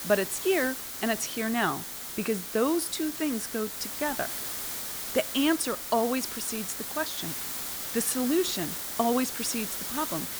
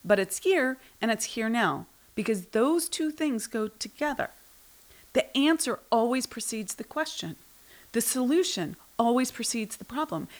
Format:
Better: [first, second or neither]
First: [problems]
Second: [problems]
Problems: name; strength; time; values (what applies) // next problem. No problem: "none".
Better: second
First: hiss; loud; throughout; 3 dB below the speech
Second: hiss; faint; throughout; 25 dB below the speech